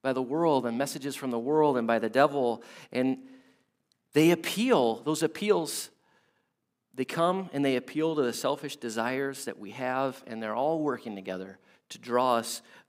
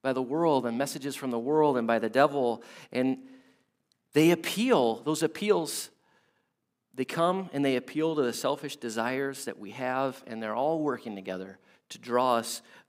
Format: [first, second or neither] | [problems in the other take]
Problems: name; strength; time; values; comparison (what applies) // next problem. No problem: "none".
neither | none